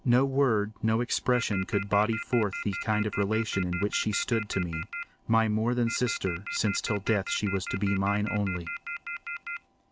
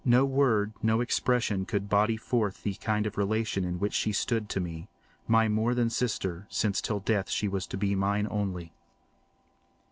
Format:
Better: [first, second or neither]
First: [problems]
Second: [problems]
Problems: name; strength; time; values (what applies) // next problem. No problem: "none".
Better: second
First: background sound (Telephone); 9 dB below the speech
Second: none